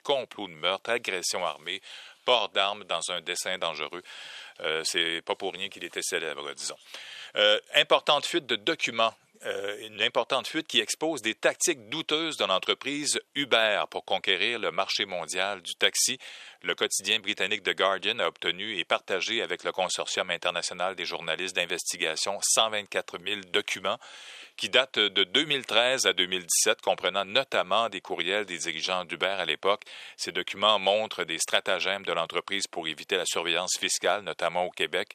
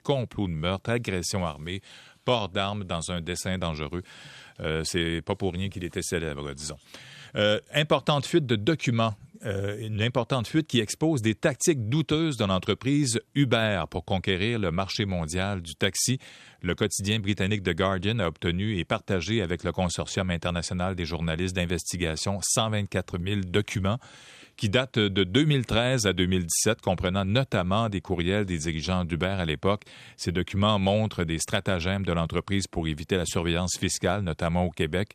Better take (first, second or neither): second